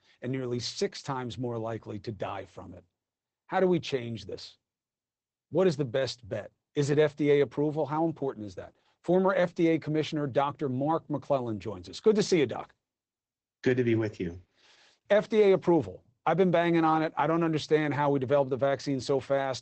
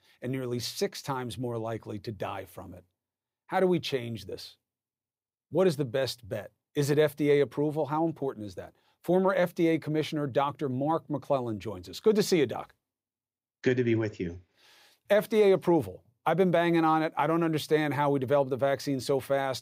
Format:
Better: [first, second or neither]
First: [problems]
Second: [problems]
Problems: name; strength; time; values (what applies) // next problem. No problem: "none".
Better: second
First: garbled, watery; badly; nothing above 8 kHz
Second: none